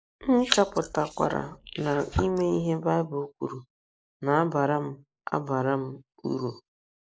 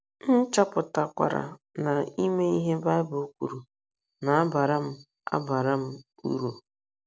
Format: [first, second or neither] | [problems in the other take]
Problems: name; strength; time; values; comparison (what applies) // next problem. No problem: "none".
second | noise reduction (neural mask model Resemble Enhance denoiser)